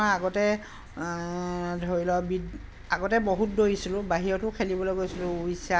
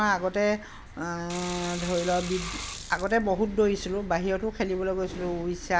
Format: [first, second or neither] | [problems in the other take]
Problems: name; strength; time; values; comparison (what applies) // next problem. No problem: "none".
first | background sound (Sink (filling or washing) / Water); 11 dB below the speech